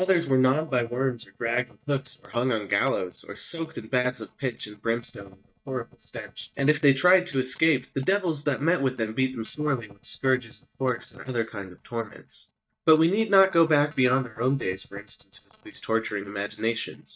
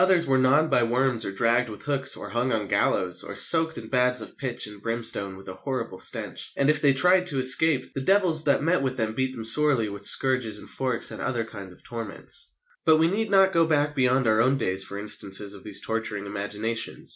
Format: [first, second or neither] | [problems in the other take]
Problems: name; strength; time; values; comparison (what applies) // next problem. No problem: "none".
second | noise reduction (neural mask model DeepFilterNet 3)